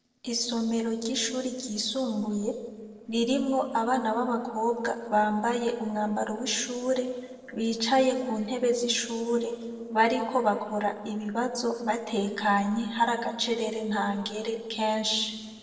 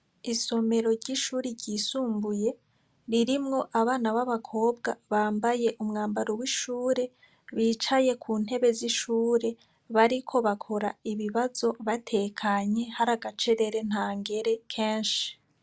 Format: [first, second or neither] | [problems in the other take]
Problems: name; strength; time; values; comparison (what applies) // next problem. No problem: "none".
second | noise reduction (neural separator model SepFormer DNS4)